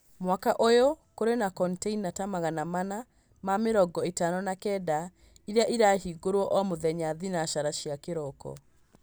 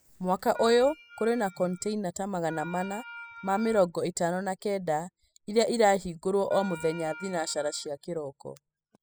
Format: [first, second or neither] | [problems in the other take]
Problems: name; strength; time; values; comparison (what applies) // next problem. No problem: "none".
first | noise reduction (classical method spectral subtraction)